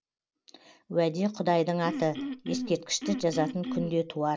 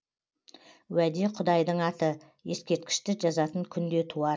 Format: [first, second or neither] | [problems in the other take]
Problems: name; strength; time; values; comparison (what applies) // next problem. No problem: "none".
second | background sound (Cough); 6 dB below the speech